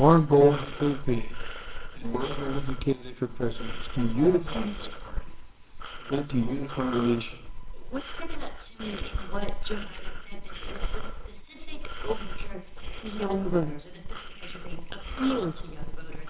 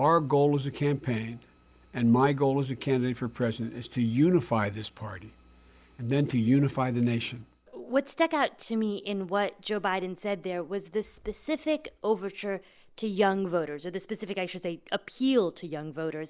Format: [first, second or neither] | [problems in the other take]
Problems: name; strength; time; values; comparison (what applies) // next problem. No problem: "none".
second | noise reduction (neural separator model SepFormer WHAMR!)